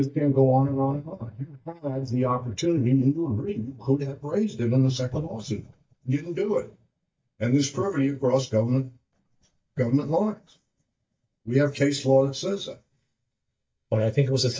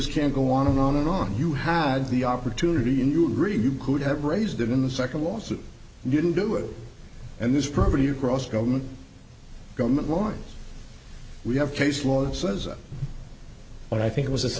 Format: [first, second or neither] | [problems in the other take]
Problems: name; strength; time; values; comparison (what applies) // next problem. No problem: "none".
second | noise reduction (neural mask model DeepFilterNet 3)